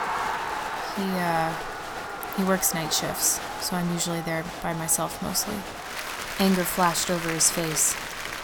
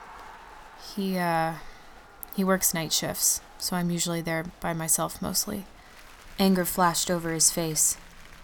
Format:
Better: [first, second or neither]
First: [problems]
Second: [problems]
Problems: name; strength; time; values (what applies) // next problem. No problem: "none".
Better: second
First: crowd noise; loud; throughout; 7 dB below the speech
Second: crowd noise; faint; throughout; 25 dB below the speech